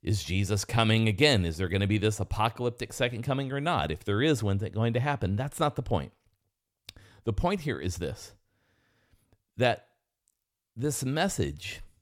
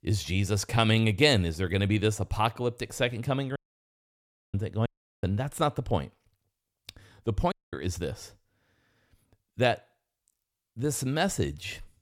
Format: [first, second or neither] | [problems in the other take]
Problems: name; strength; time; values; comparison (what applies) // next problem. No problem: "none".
first | audio cutting out; at 3.5 s for 1 s, at 5 s and at 7.5 s